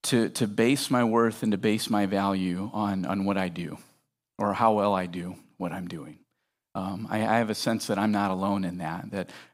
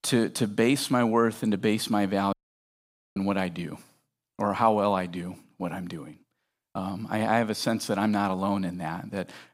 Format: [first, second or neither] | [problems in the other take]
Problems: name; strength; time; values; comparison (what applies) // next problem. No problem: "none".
first | audio cutting out; at 2.5 s for 1 s